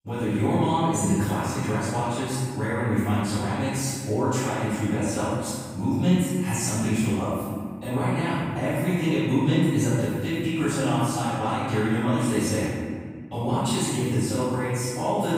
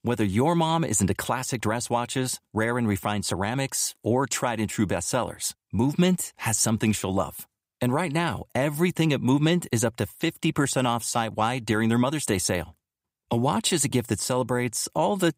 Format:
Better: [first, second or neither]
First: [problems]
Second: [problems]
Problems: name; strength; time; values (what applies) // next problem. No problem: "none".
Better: second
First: off-mic speech; far // room echo; strong; dies away in 2 s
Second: none